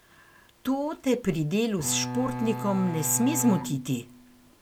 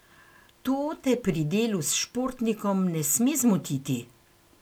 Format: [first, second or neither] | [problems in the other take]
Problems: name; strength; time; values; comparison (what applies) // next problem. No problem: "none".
second | background sound (Bowed string instrument); 7 dB below the speech